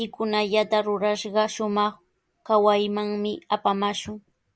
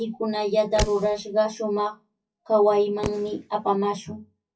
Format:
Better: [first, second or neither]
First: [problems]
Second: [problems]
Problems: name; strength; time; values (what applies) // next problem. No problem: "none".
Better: first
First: none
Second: noise reduction (classical method WPE with log-MMSE)